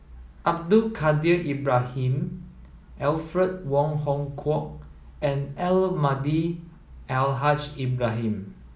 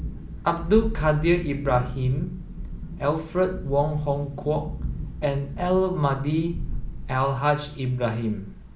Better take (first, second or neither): first